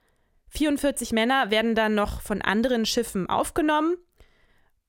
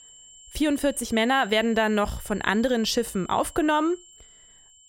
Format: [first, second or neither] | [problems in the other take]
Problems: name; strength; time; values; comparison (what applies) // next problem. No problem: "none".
first | high-pitched whine; faint; throughout; 7.5 kHz, 25 dB below the speech